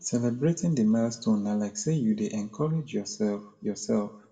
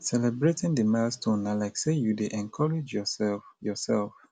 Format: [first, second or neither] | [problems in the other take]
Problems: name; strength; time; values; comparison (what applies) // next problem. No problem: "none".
second | room echo; dies away in 0.5 s